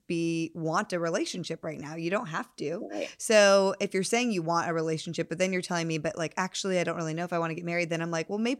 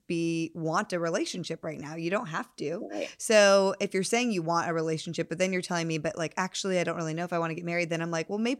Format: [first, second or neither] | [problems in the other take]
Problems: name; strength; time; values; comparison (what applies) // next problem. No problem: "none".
neither | none